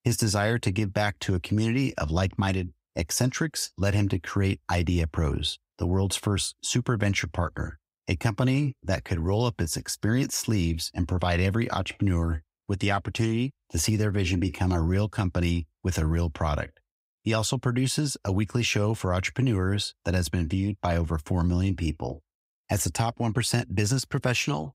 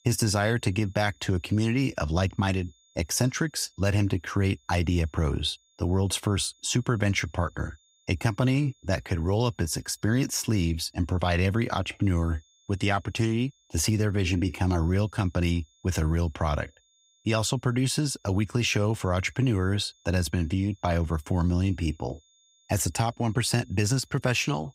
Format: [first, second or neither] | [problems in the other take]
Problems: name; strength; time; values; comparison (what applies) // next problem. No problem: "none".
first | high-pitched whine; faint; throughout; 3.5 kHz, 35 dB below the speech